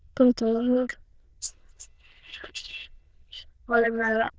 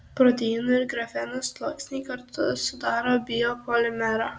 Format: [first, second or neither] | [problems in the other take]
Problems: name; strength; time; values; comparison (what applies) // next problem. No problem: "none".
second | noise reduction (neural diffusion model UNIVERSE++)